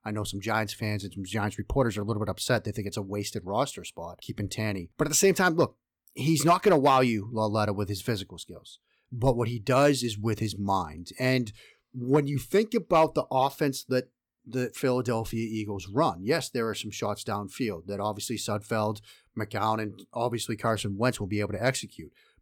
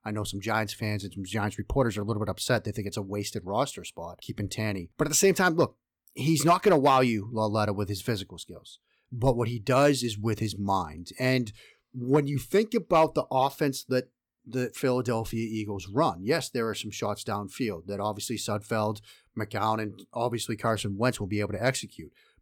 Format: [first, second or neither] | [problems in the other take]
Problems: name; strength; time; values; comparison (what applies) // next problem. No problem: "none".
neither | none